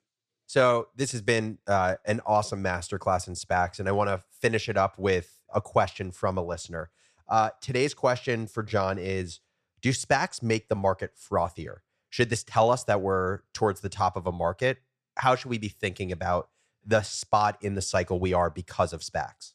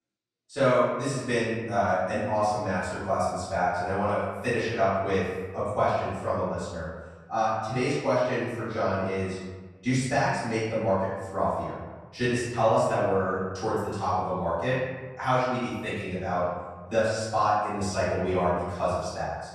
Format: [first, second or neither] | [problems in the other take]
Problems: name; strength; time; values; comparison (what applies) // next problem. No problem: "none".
first | off-mic speech; far // room echo; strong; dies away in 1.2 s